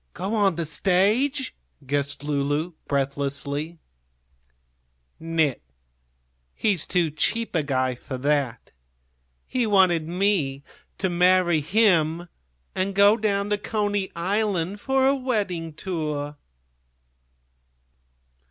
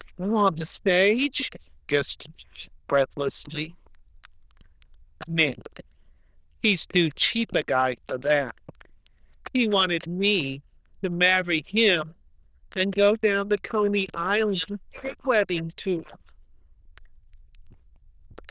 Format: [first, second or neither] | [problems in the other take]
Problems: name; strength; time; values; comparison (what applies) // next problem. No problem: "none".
first | noise reduction (neural diffusion model UNIVERSE++)